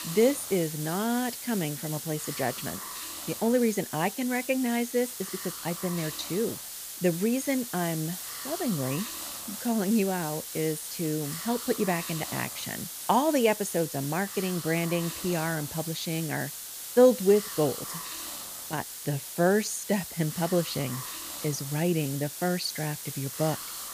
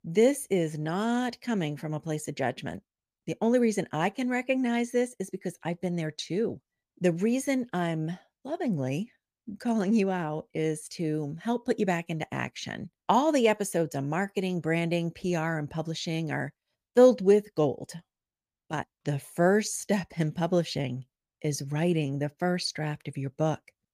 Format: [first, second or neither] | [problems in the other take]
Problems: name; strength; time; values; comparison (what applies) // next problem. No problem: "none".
second | hiss; loud; throughout; 7 dB below the speech